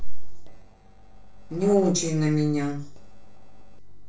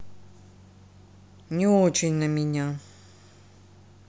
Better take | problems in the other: second | noise reduction (neural separator model SepFormer DNS4)

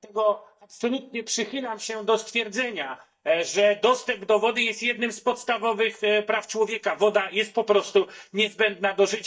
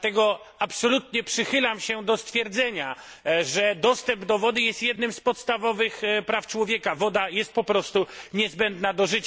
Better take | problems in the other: second | noise reduction (neural mask model DeepFilterNet 3)

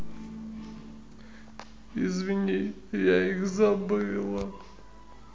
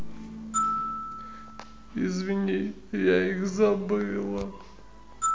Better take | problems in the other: first | background sound (Glockenspiel); 7 dB below the speech

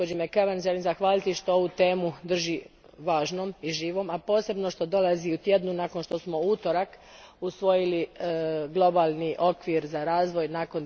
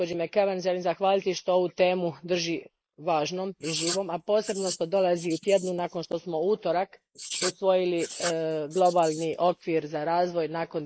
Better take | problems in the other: first | noise reduction (neural mask model Resemble Enhance denoiser)

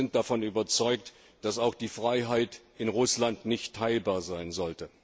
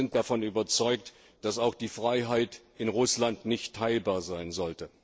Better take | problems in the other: first | noise reduction (neural separator model SepFormer DNS4)

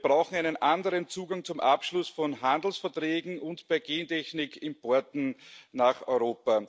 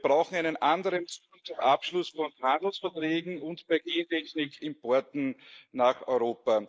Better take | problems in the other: first | noise reduction (neural mask model Resemble Enhance denoiser)

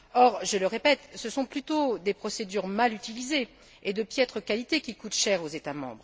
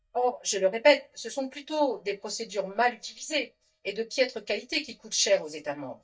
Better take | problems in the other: first | noise reduction (neural mask model DeepFilterNet 3)

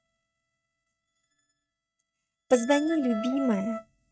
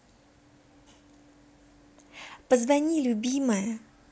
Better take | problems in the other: second | noise reduction (neural mask model RNNoise)

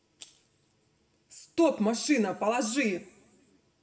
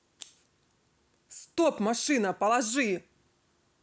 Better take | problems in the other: second | room echo; dies away in 0.9 s

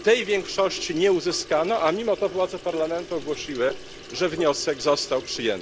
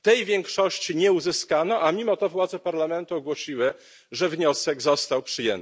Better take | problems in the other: second | background sound (Sink (filling or washing) / Water tap, faucet); 15 dB below the speech

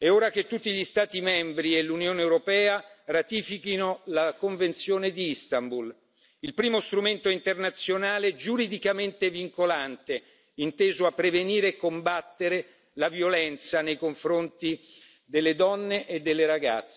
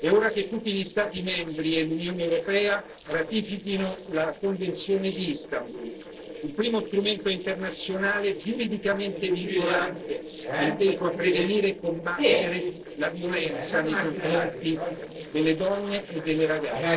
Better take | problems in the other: first | noise reduction (neural separator model SepFormer DNS4)

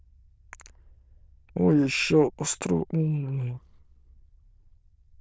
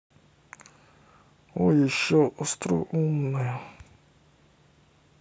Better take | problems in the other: second | noise reduction (neural diffusion model UNIVERSE++)

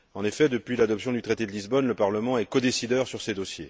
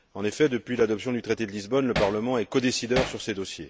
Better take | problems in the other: first | background sound (Hammer); 6 dB below the speech

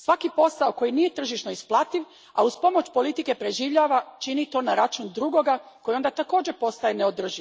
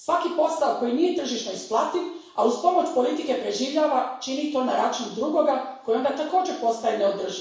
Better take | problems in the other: first | room echo; dies away in 0.7 s

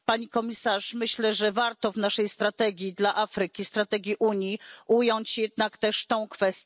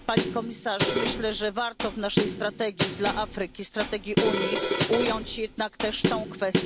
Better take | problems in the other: first | background sound (Snare drum); as loud as the speech

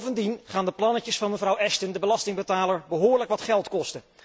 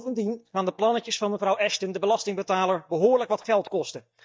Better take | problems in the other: first | noise reduction (neural mask model DeepFilterNet 3)

